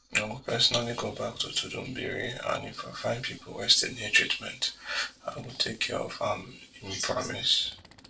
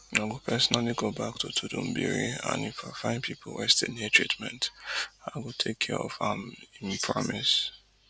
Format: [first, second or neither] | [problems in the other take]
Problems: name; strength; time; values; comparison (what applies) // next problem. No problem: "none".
second | noise reduction (neural separator model SepFormer DNS4)